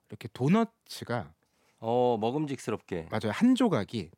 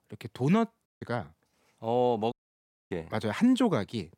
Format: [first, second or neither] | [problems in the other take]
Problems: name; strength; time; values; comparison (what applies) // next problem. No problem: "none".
first | audio cutting out; at 1 s and at 2.5 s for 0.5 s